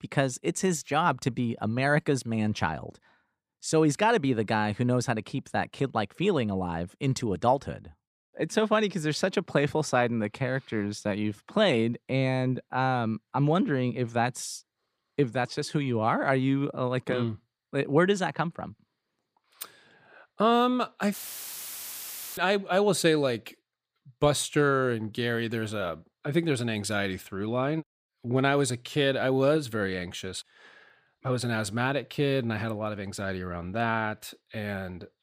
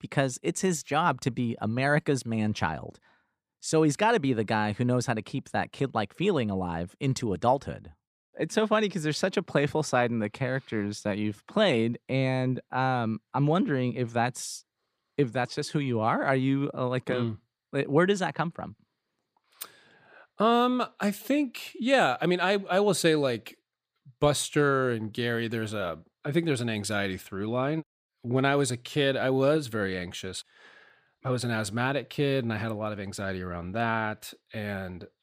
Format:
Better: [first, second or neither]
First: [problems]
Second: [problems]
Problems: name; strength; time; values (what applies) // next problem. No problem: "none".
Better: second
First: audio cutting out; filled with static; at 21 s for 1 s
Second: none